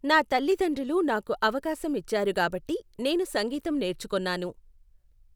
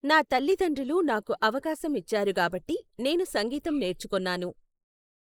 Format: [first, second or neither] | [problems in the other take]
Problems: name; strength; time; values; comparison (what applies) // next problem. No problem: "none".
first | noise reduction (neural mask model Resemble Enhance denoiser)